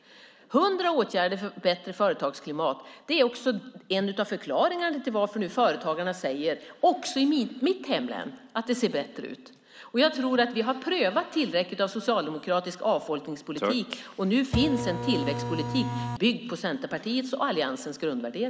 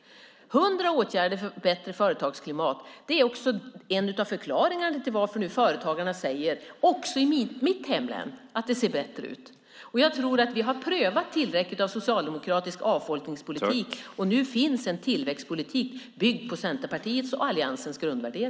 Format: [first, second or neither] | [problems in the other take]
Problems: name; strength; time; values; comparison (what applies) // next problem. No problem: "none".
second | background sound (Printer); 3 dB below the speech